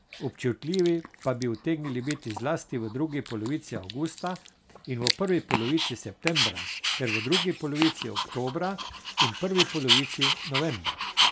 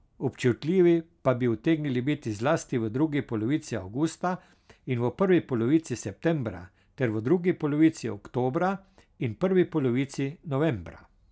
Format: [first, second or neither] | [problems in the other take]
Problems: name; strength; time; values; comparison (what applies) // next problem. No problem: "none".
second | background sound (Dog); 1 dB below the speech